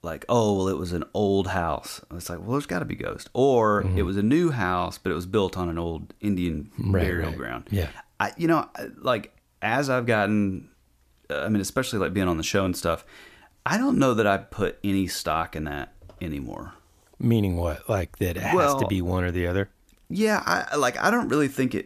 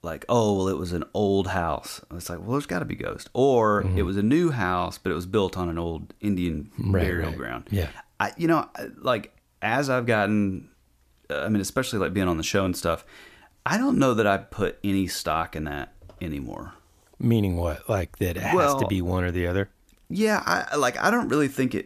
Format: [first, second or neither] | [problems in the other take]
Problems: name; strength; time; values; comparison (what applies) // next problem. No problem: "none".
neither | none